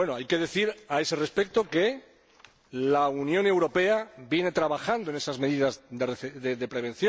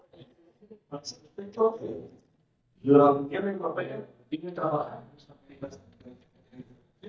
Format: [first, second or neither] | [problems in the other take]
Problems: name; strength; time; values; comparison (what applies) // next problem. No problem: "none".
first | noise reduction (neural mask model DeepFilterNet 3)